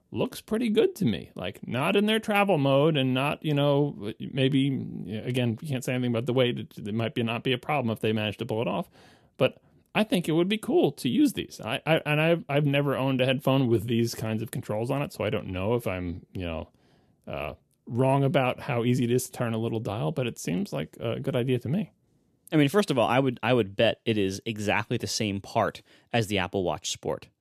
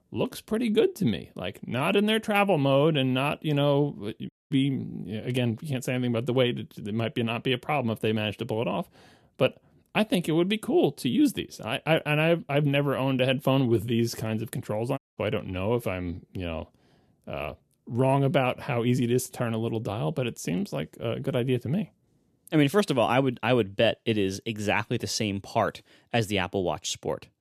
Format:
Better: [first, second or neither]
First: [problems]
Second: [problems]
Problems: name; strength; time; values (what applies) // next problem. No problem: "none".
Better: first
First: none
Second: audio cutting out; at 4.5 s and at 15 s